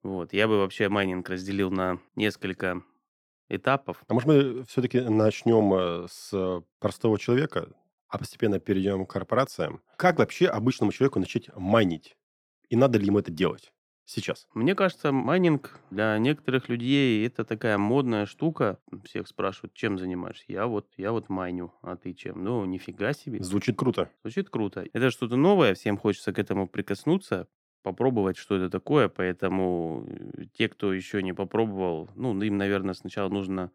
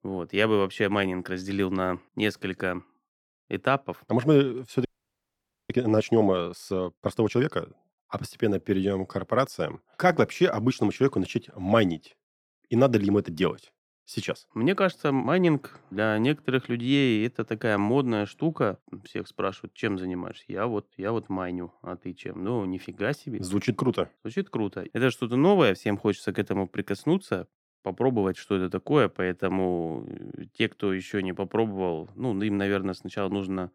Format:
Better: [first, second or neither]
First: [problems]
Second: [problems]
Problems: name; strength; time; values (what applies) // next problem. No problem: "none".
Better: first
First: none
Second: audio freezing; at 5 s for 1 s